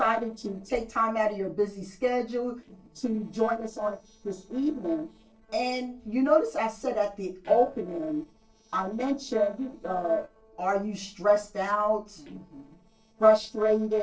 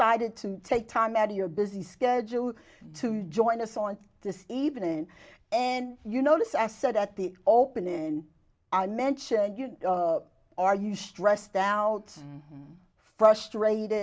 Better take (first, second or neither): second